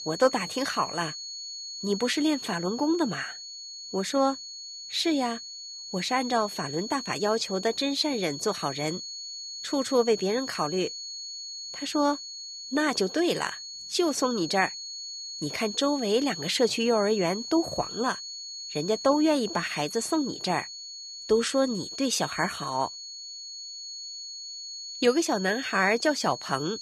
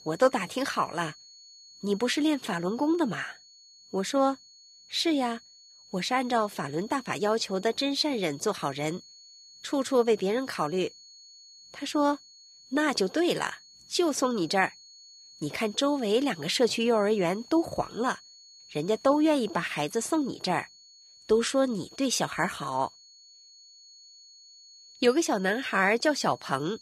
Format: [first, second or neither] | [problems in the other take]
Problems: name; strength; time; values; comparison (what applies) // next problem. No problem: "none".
second | high-pitched whine; loud; throughout; 4.5 kHz, 9 dB below the speech; faint in the second